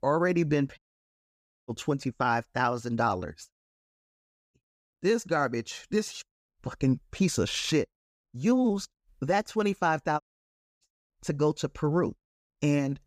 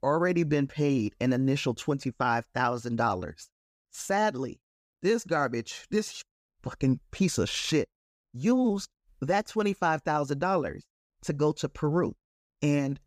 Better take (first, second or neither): second